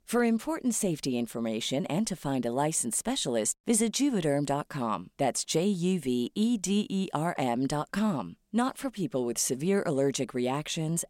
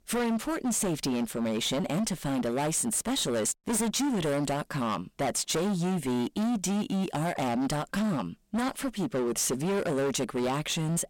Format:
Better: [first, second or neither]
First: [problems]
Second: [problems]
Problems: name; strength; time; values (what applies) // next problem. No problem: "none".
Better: first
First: none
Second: distortion; heavy; 28% of the sound clipped